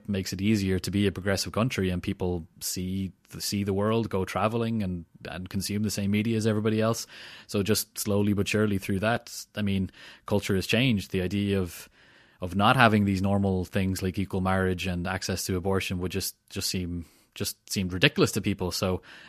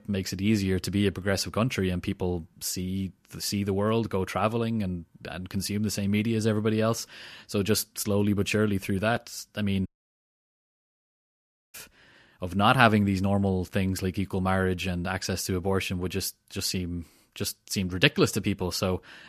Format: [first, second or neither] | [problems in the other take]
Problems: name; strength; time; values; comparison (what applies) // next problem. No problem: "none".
first | audio cutting out; at 10 s for 2 s